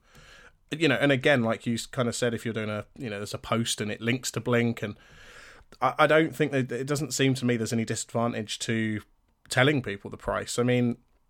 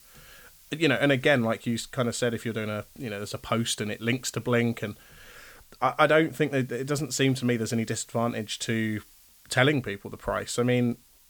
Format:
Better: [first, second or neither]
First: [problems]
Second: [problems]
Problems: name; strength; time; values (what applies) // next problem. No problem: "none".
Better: first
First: none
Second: hiss; faint; throughout; 25 dB below the speech